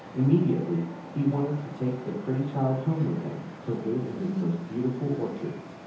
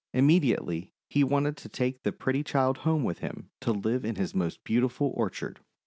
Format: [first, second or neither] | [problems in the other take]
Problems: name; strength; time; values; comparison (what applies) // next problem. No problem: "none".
second | background sound (Traffic noise, roadway noise); 15 dB below the speech // room echo; dies away in 0.7 s